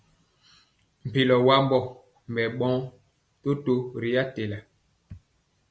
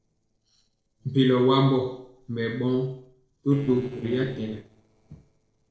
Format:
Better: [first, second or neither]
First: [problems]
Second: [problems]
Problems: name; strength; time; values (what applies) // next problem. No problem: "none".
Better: first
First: none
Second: noise reduction (neural separator model SepFormer DNS4)